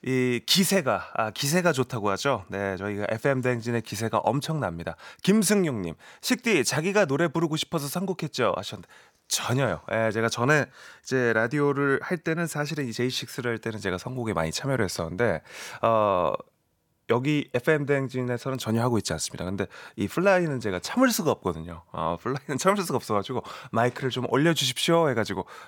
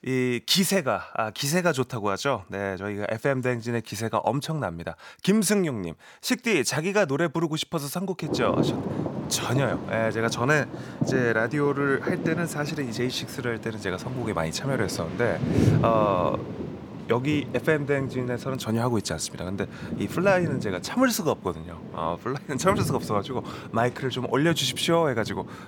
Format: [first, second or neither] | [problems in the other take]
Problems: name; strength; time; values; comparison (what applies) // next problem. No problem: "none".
first | rain or running water; loud; from 8.5 s on; 6 dB below the speech